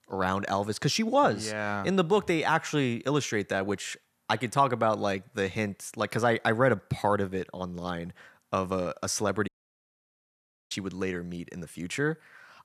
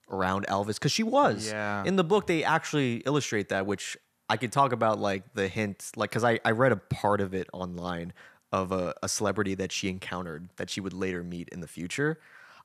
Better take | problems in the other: second | audio cutting out; at 9.5 s for 1 s

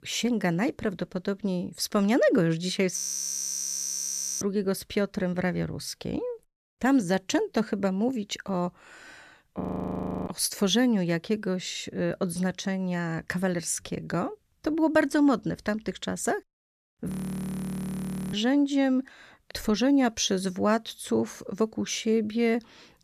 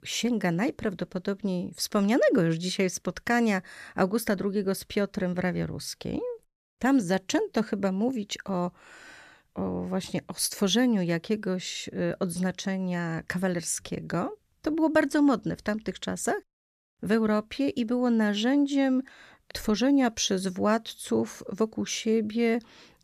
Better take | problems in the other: second | audio freezing; at 3 s for 1.5 s, at 9.5 s for 0.5 s and at 17 s for 1 s

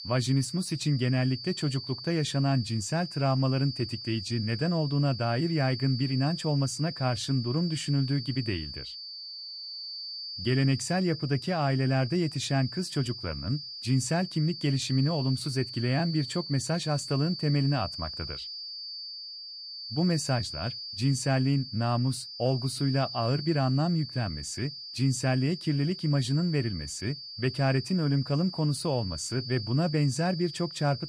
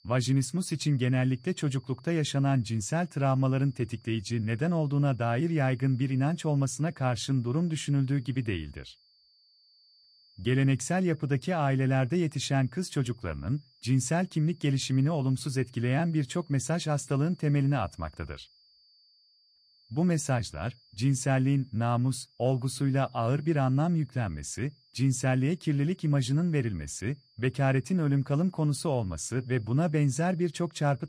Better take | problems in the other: second | high-pitched whine; loud; throughout; 4.5 kHz, 9 dB below the speech; faint in the second

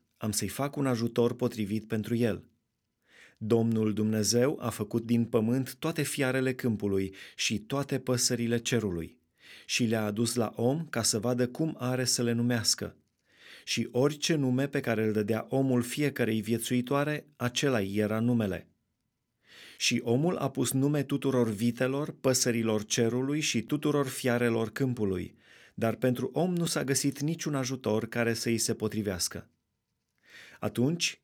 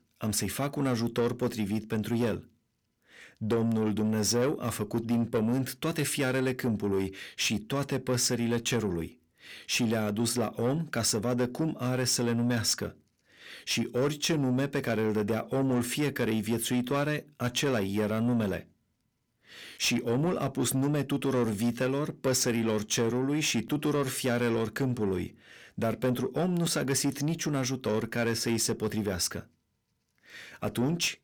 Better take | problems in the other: first | distortion; slight; 10 dB below the speech

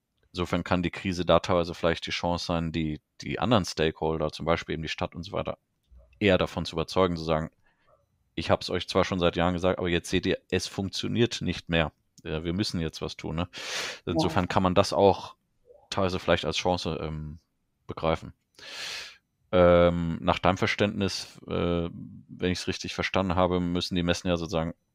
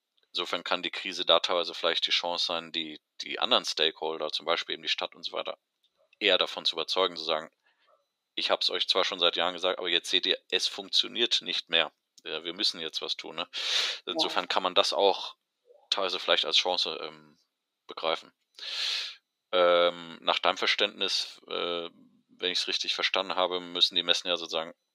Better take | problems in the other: first | thin; somewhat; fading below 350 Hz

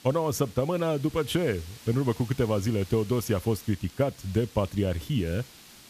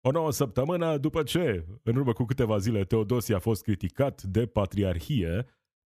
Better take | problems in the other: second | hiss; noticeable; throughout; 20 dB below the speech

